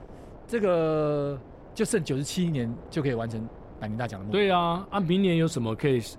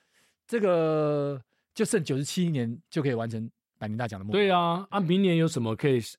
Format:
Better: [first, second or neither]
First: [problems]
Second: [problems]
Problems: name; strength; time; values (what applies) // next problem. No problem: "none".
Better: second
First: wind noise on the microphone; occasional gusts; 20 dB below the speech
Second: none